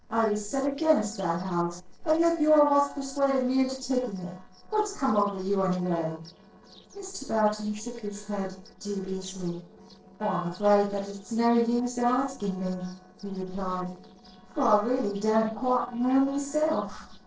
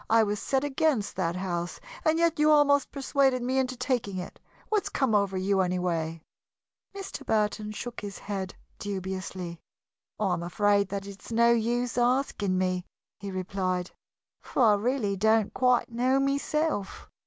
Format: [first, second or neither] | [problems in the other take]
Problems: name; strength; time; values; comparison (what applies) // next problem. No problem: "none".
second | noise reduction (neural separator model SepFormer DNS4)